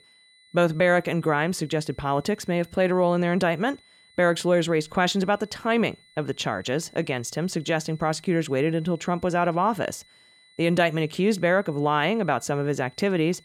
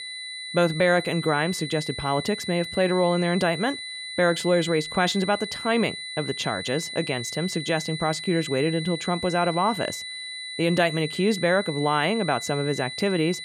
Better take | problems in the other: first | high-pitched whine; loud; throughout; 4 kHz, 8 dB below the speech; faint in the first

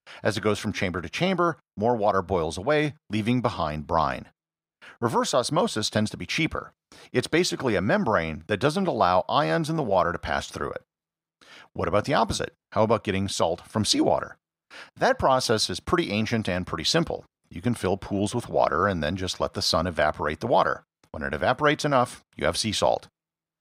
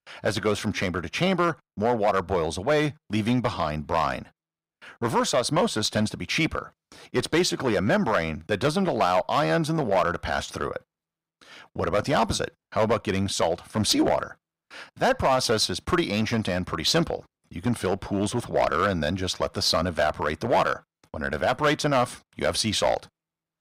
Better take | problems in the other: first | distortion; slight; 3% of the sound clipped

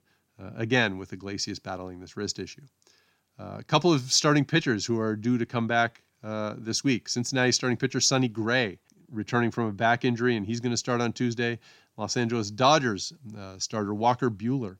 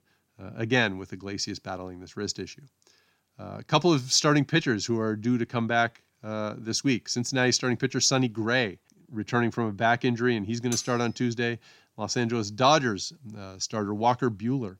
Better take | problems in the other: first | clattering dishes; noticeable; at 11 s; peak 10 dB below the speech

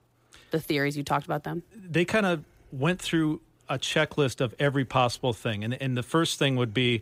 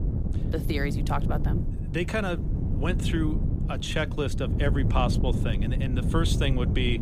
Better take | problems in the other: first | wind noise on the microphone; heavy; 8 dB below the speech

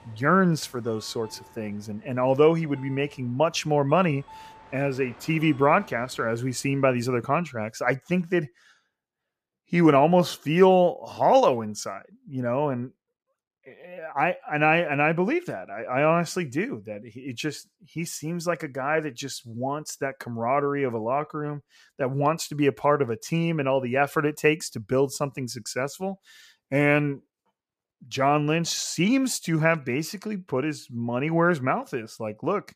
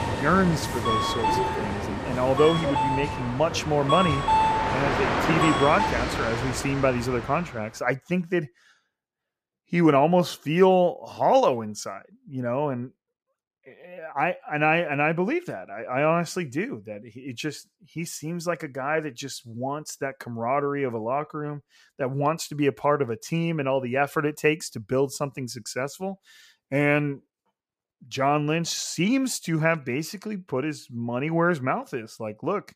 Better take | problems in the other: first | train or aircraft noise; loud; until 7.5 s; 1 dB below the speech; faint in the first

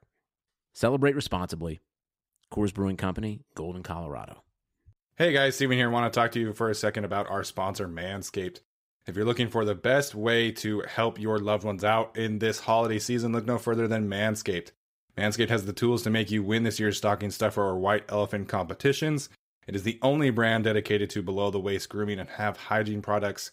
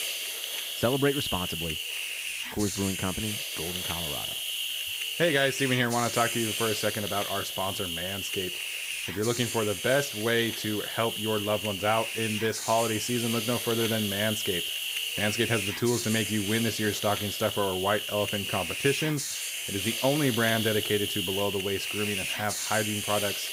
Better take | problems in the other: first | hiss; loud; throughout; 2 dB below the speech

